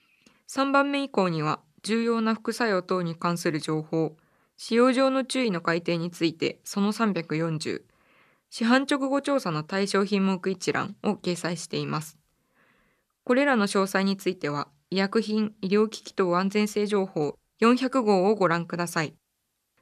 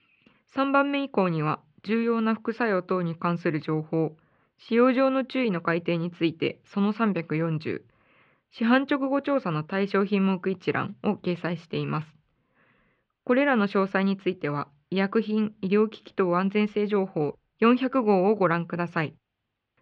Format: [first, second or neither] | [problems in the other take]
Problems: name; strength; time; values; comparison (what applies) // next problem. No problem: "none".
first | muffled; slightly; fading above 3 kHz